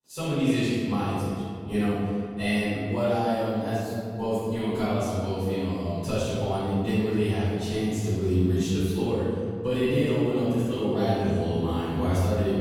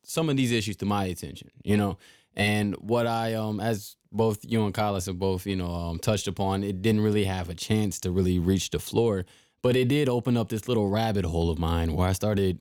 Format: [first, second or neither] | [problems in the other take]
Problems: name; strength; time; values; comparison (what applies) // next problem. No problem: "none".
second | off-mic speech; far // room echo; strong; dies away in 2.1 s